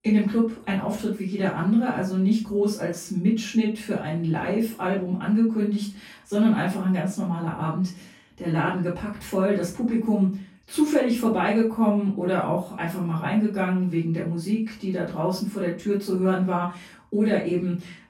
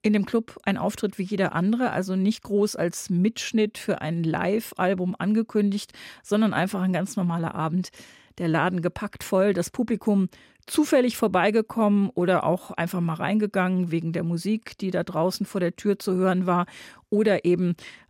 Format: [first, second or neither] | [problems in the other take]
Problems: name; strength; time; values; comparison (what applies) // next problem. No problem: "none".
second | room echo; slight; dies away in 0.3 s // off-mic speech; far